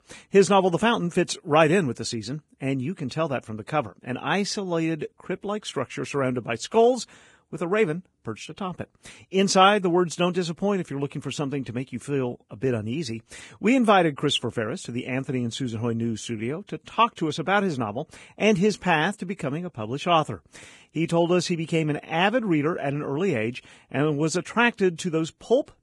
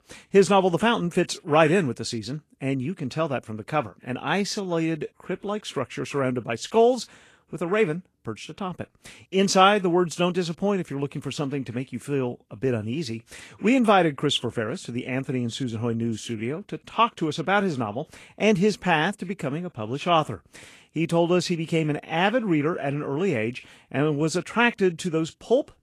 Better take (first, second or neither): second